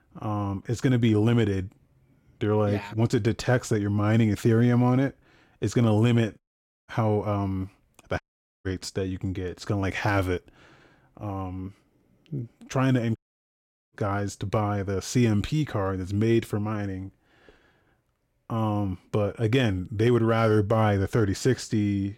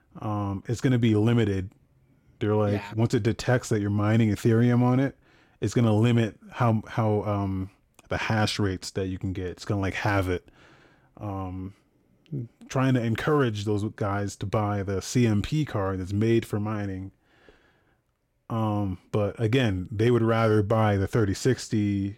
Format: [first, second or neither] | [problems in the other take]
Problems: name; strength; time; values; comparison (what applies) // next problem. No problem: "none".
second | audio cutting out; at 6.5 s, at 8 s and at 13 s for 1 s